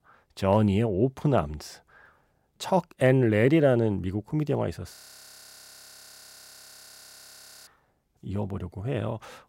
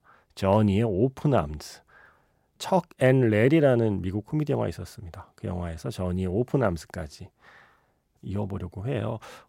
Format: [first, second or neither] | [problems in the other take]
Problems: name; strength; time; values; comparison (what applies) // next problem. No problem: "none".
second | audio freezing; at 5 s for 2.5 s